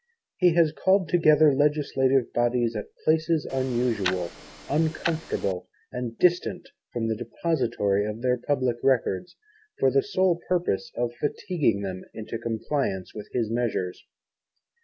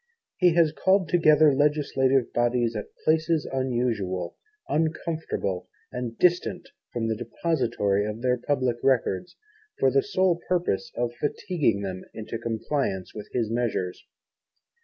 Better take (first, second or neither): second